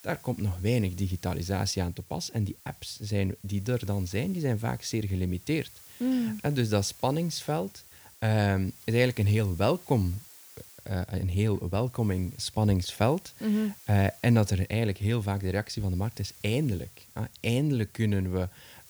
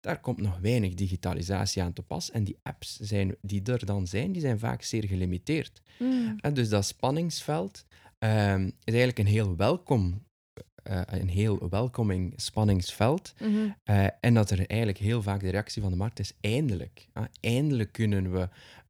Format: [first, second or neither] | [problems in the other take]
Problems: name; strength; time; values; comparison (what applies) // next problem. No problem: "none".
second | hiss; faint; throughout; 20 dB below the speech